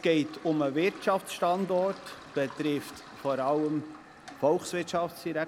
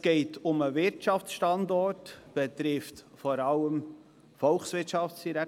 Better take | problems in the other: second | background sound (Toilet flush); 19 dB below the speech

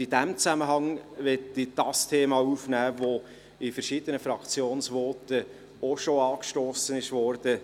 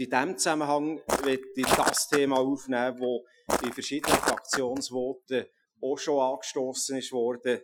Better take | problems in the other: first | noise reduction (classical method Wiener filter)

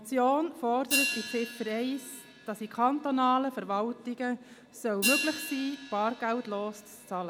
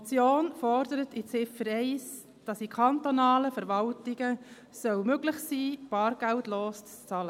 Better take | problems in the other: second | background sound (Hi-hat); 7 dB below the speech

